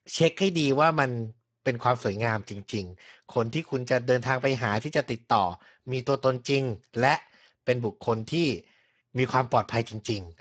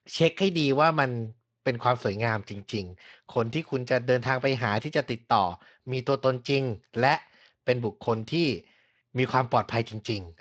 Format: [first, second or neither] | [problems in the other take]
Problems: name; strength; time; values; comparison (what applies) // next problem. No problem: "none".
second | garbled, watery; badly; nothing above 7.5 kHz; slightly in the second